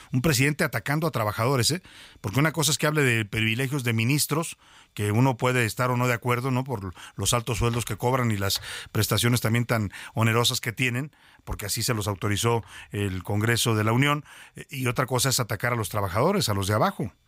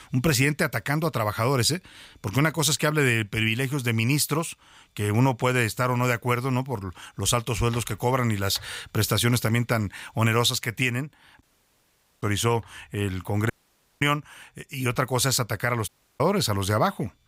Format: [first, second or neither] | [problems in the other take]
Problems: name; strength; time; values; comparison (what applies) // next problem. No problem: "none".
first | audio cutting out; at 11 s for 1 s, at 14 s for 0.5 s and at 16 s